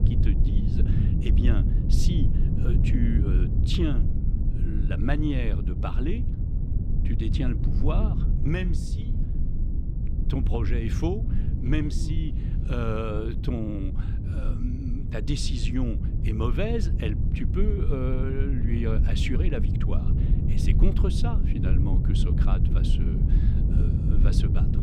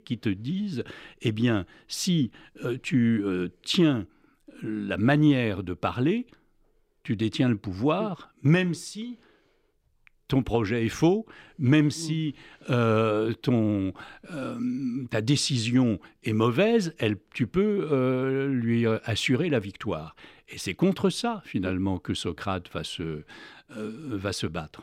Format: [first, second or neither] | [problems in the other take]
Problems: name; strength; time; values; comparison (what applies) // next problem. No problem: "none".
second | low rumble; loud; throughout; 4 dB below the speech